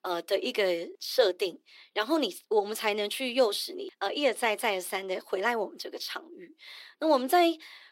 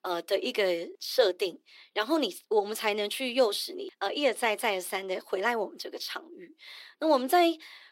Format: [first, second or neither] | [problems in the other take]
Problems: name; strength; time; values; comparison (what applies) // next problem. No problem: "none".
neither | thin; somewhat; fading below 350 Hz; the same in both